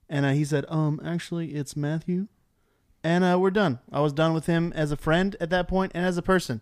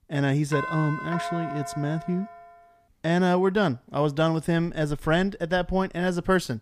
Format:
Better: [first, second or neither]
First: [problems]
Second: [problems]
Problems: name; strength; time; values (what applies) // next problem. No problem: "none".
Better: first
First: none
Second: doorbell; noticeable; from 0.5 to 2.5 s; peak 5 dB below the speech